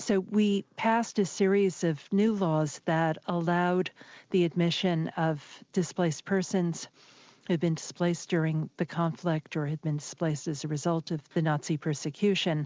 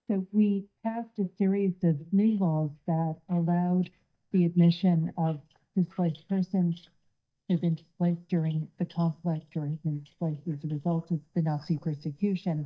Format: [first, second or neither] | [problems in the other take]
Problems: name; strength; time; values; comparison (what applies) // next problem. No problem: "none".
first | noise reduction (neural mask model DeepFilterNet 3)